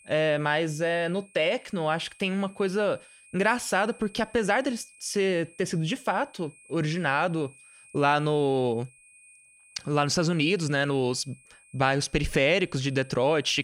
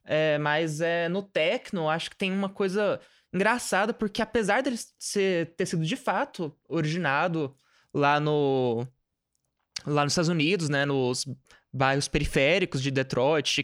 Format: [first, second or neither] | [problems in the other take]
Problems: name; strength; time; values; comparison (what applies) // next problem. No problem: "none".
second | high-pitched whine; faint; throughout; 2.5 kHz, 25 dB below the speech